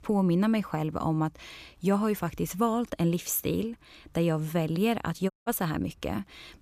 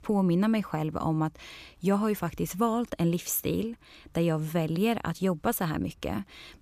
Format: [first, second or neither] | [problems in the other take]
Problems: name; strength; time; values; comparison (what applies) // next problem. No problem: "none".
second | audio cutting out; at 5.5 s